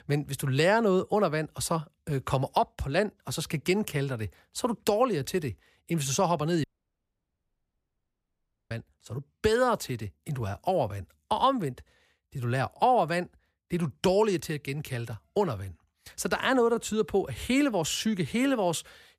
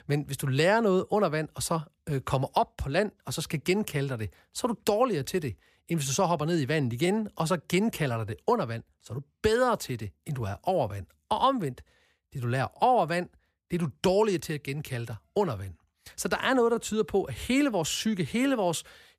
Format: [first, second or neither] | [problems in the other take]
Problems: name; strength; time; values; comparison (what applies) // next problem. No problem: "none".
second | audio cutting out; at 6.5 s for 2 s